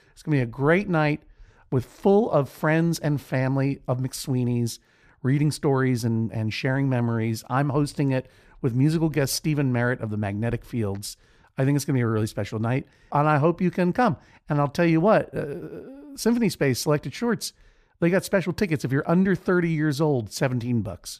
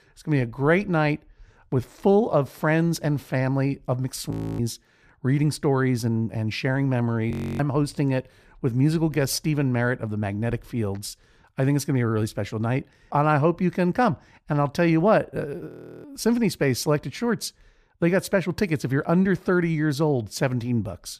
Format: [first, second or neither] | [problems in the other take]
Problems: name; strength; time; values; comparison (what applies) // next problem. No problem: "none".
first | audio freezing; at 4.5 s, at 7.5 s and at 16 s